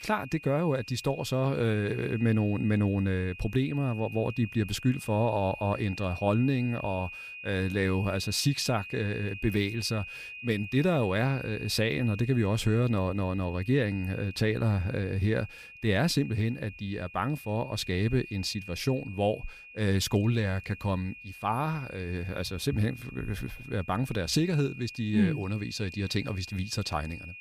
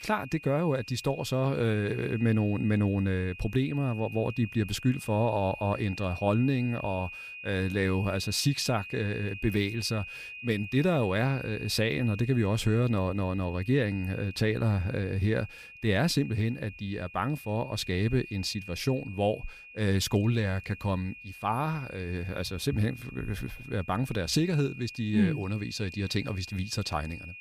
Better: neither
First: high-pitched whine; noticeable; throughout; 2.5 kHz, 15 dB below the speech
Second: high-pitched whine; noticeable; throughout; 2.5 kHz, 15 dB below the speech

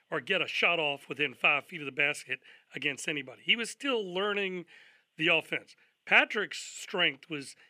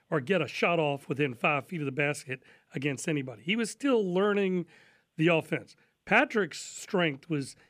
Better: second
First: thin; somewhat; fading below 1 kHz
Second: none

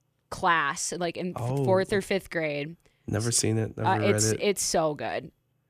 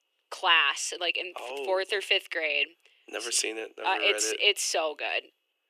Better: first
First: none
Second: thin; very; fading below 350 Hz

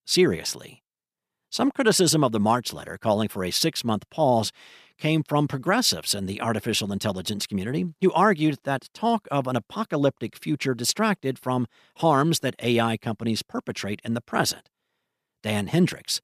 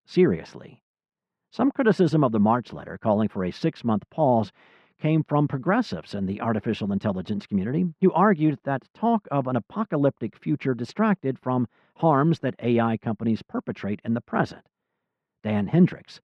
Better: first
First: none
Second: muffled; very; fading above 1.5 kHz

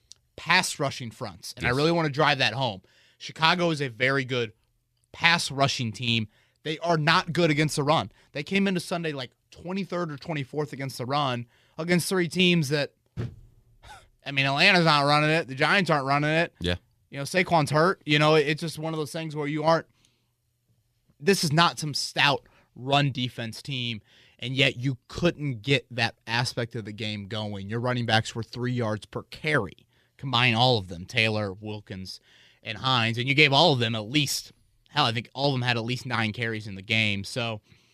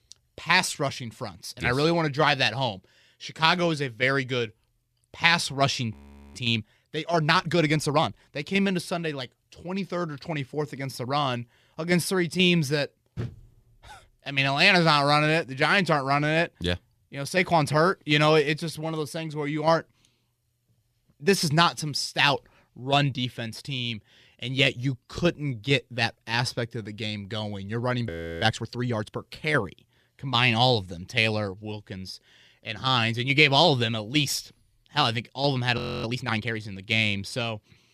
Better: first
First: none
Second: audio freezing; at 6 s, at 28 s and at 36 s

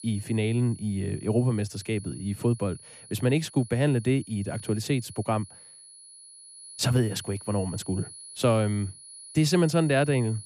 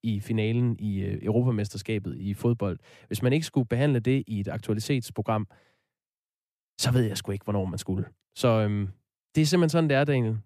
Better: second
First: high-pitched whine; noticeable; throughout; 10.5 kHz, 15 dB below the speech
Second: none

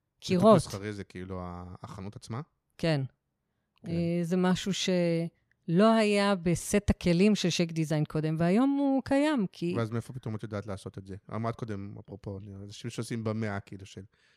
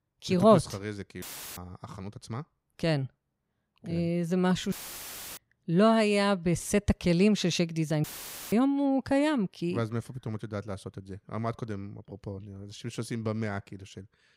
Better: first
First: none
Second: audio cutting out; filled with static; at 1 s, at 4.5 s for 0.5 s and at 8 s

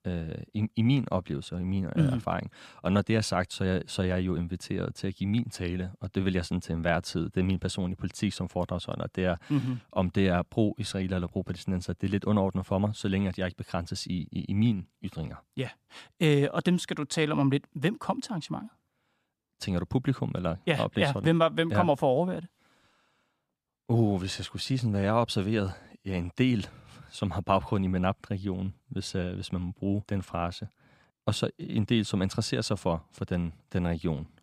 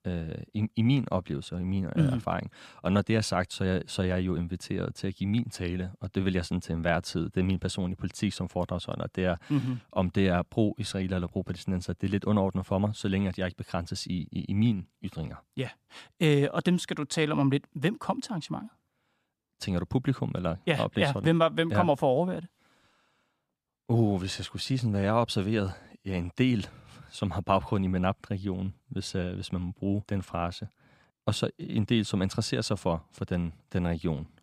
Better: neither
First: none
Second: none

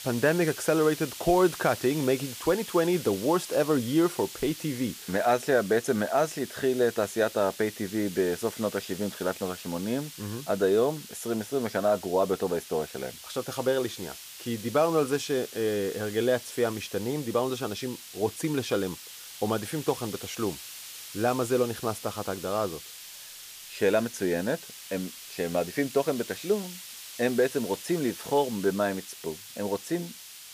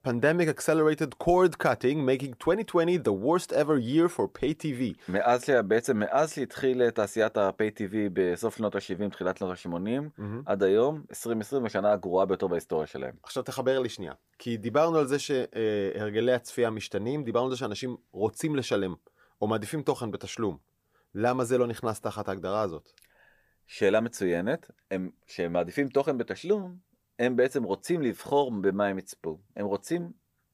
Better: second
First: hiss; noticeable; throughout; 10 dB below the speech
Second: none

